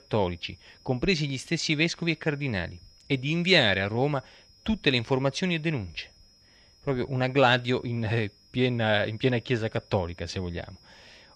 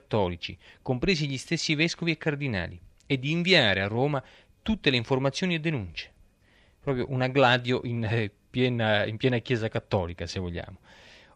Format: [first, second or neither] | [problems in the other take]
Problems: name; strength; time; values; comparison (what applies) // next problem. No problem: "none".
second | high-pitched whine; faint; throughout; 5 kHz, 30 dB below the speech